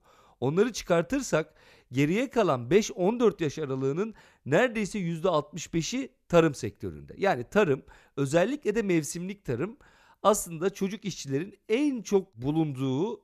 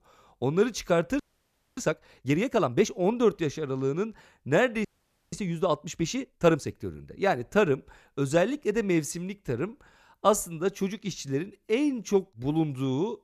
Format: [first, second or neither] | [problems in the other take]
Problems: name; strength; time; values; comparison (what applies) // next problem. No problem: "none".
first | audio freezing; at 1 s for 0.5 s and at 5 s